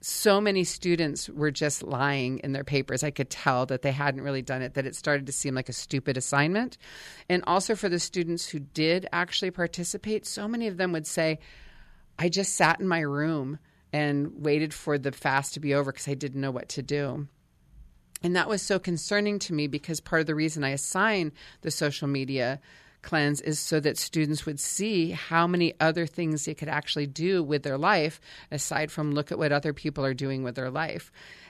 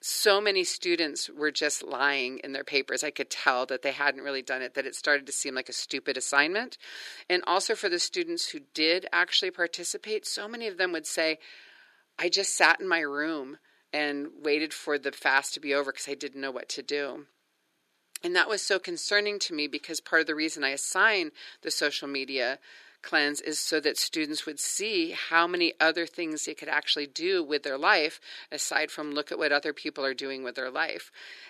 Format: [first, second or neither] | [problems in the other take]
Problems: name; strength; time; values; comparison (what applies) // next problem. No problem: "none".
first | thin; somewhat; fading below 350 Hz